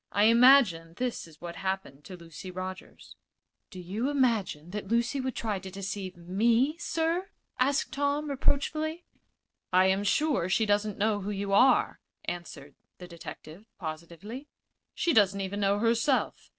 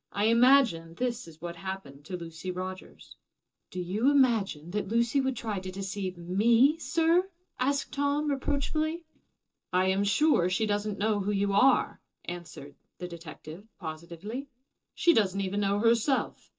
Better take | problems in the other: first | room echo; dies away in 0.2 s

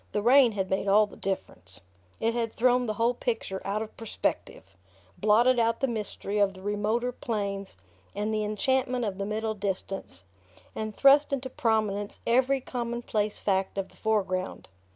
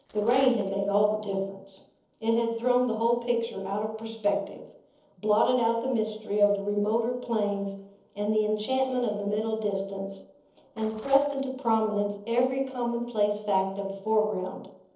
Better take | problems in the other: first | noise reduction (neural separator model SepFormer DNS4)

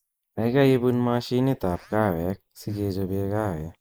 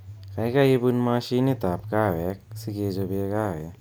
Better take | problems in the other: second | noise reduction (neural mask model Resemble Enhance denoiser)

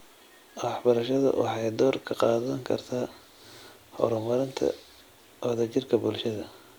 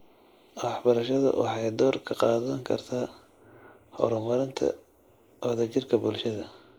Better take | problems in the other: first | noise reduction (neural mask model Resemble Enhance denoiser)

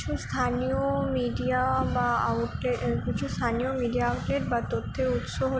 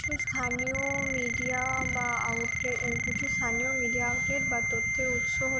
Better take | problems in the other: first | background sound (Ringtone); 4 dB above the speech

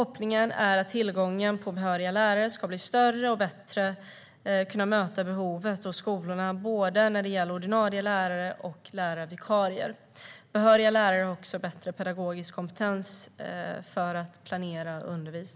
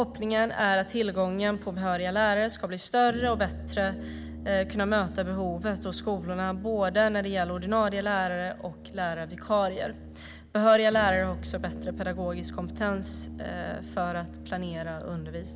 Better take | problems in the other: first | background sound (Brass instrument); 12 dB below the speech

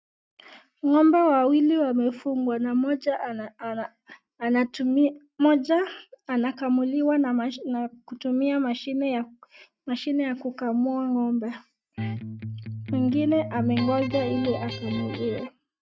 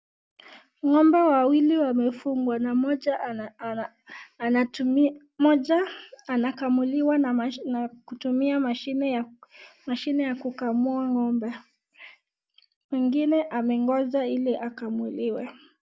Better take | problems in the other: second | noise reduction (neural mask model RNNoise)

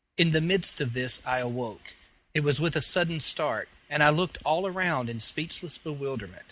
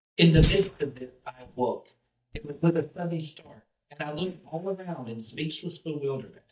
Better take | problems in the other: first | noise reduction (neural mask model DeepFilterNet 3)

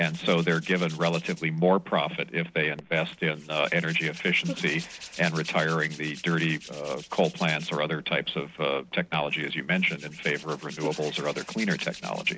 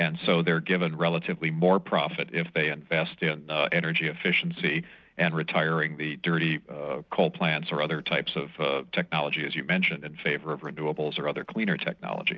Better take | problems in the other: second | background sound (Hands); 17 dB below the speech

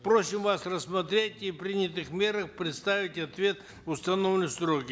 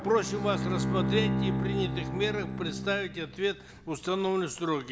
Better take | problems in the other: first | background sound (Bowed string instrument); 2 dB below the speech

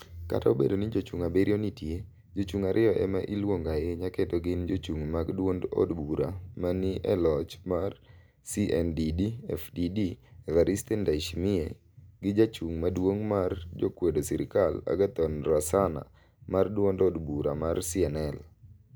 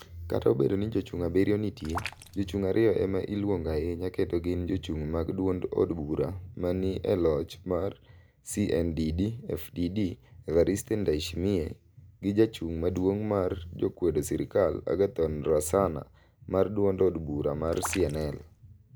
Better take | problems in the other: first | background sound (Raindrop); 14 dB below the speech

